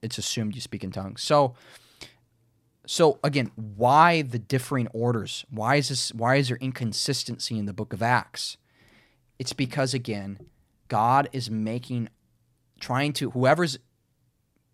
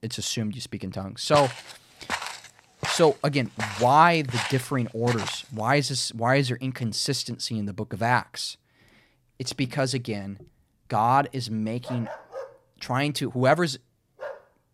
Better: first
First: none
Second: footsteps; noticeable; from 1.5 to 5.5 s; peak 5 dB below the speech // dog barking; faint; from 12 s on; peak 15 dB below the speech

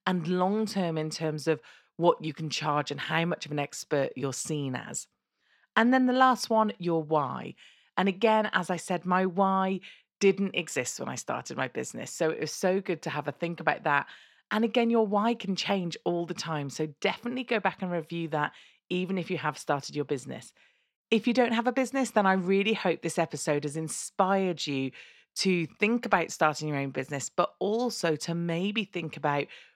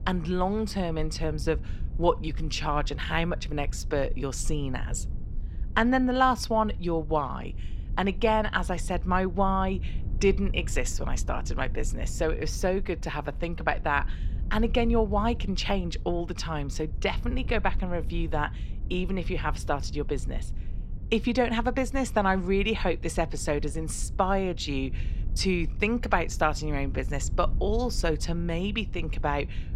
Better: first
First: none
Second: low rumble; faint; throughout; 25 dB below the speech

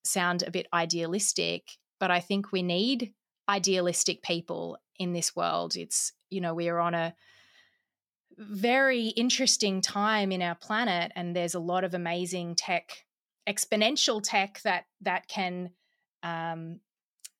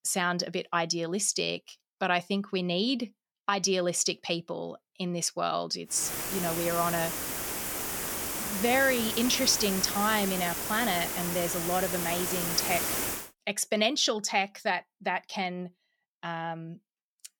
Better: first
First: none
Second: hiss; loud; from 6 to 13 s; 2 dB below the speech

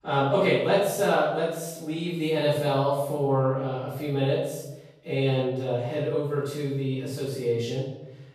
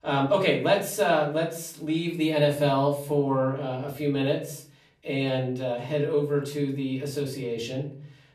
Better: second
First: room echo; strong; dies away in 0.8 s // off-mic speech; far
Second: room echo; slight; dies away in 0.4 s // off-mic speech; far

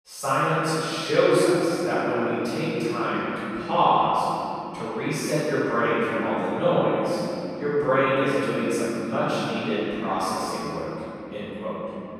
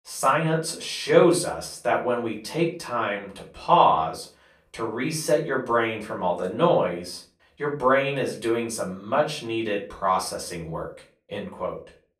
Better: second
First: room echo; strong; dies away in 3 s // off-mic speech; far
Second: room echo; slight; dies away in 0.3 s // off-mic speech; far

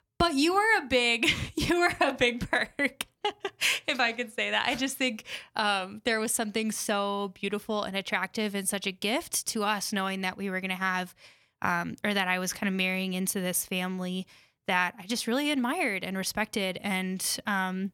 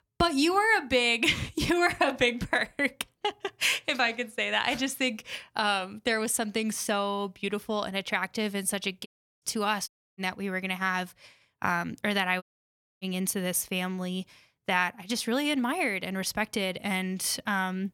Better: first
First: none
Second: audio cutting out; at 9 s, at 10 s and at 12 s for 0.5 s

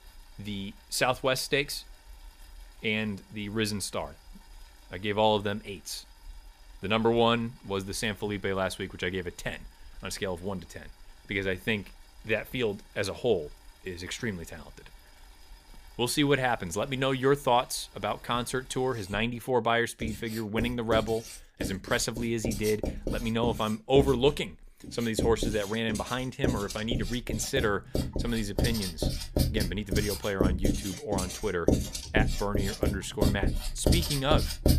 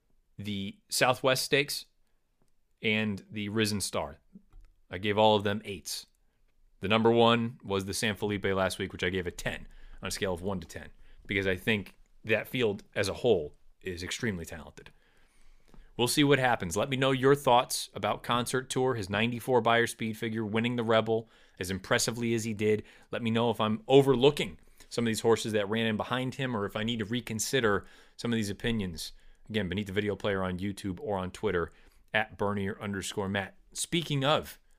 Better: second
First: household noises; loud; throughout; 3 dB below the speech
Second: none

